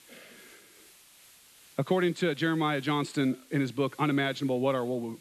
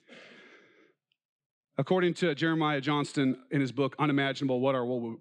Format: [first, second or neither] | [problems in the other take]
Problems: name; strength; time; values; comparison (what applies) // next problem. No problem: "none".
second | hiss; faint; throughout; 25 dB below the speech